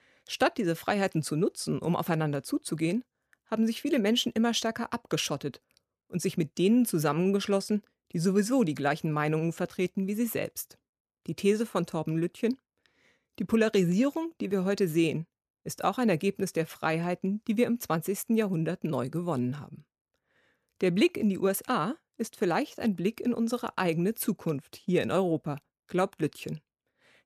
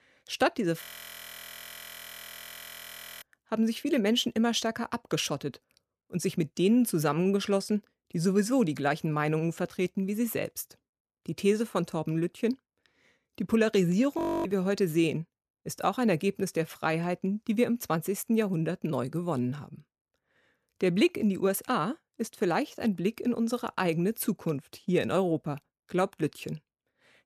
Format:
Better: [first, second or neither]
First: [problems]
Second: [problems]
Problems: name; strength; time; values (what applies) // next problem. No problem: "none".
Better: first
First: none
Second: audio freezing; at 1 s for 2.5 s and at 14 s